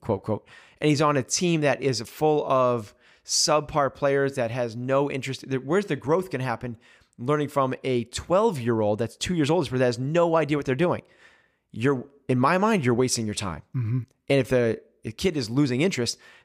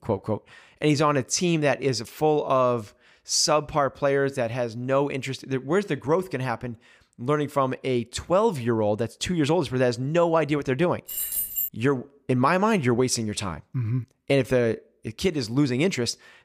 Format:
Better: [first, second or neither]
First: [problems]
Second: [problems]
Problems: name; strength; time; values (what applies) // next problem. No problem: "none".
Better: first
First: none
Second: jangling keys; noticeable; at 11 s; peak level with the speech